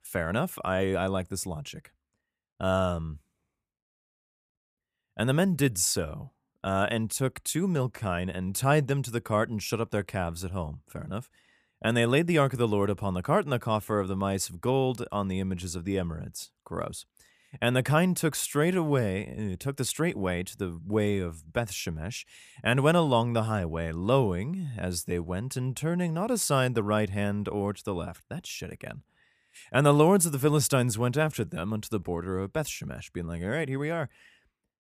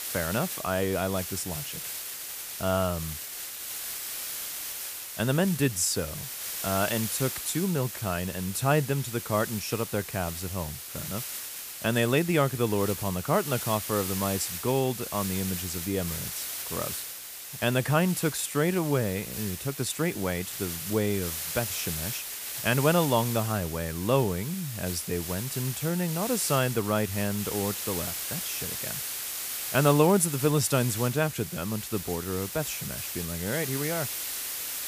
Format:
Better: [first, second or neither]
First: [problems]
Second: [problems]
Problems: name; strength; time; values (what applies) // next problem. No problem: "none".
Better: first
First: none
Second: hiss; loud; throughout; 5 dB below the speech